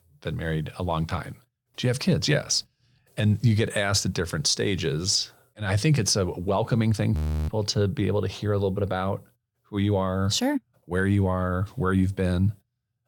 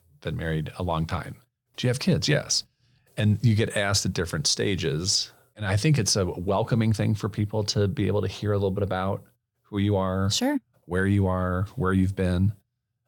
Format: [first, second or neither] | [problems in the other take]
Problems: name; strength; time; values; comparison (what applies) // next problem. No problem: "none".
second | audio freezing; at 7 s